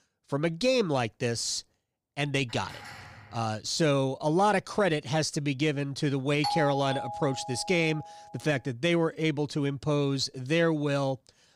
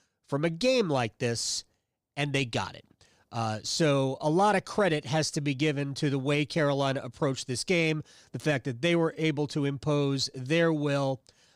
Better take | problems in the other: second | clattering dishes; faint; at 2.5 s; peak 15 dB below the speech // doorbell; noticeable; from 6.5 to 8 s; peak 2 dB below the speech

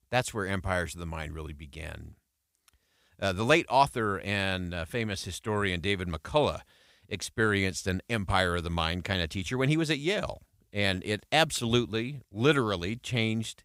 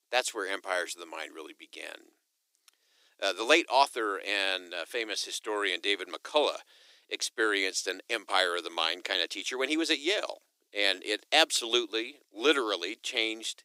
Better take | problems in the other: first | thin; very; fading below 300 Hz

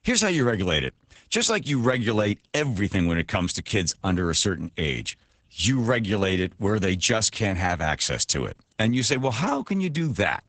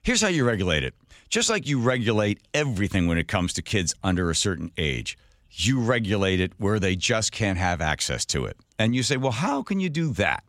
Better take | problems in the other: second | garbled, watery; badly; nothing above 8 kHz

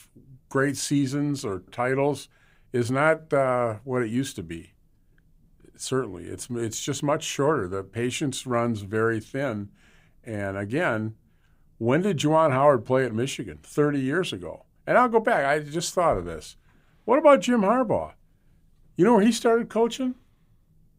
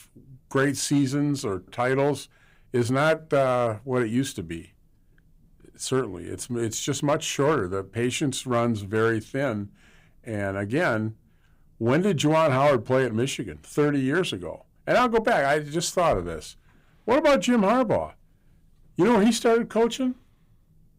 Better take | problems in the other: first | distortion; slight; 4% of the sound clipped

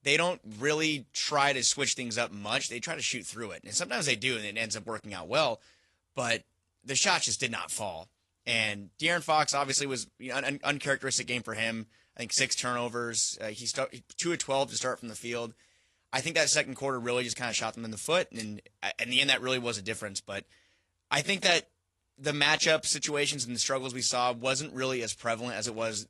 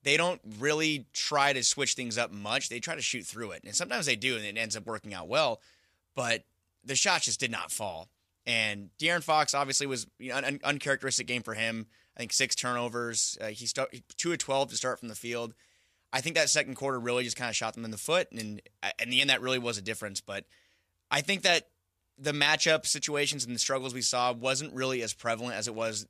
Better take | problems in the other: second | garbled, watery; slightly

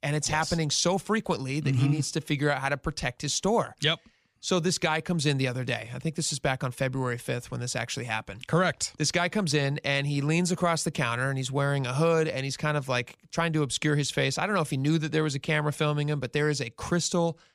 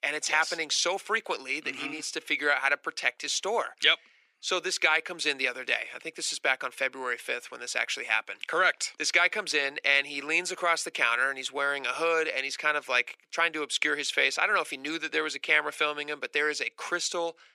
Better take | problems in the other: first | thin; very; fading below 350 Hz

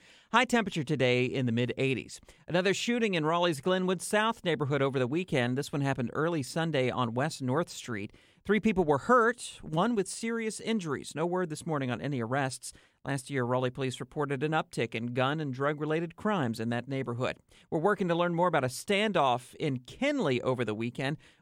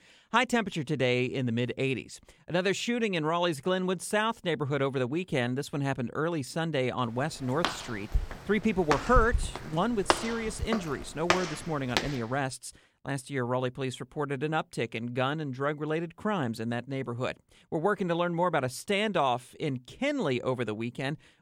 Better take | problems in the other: first | footsteps; loud; from 7.5 to 12 s; peak 2 dB above the speech

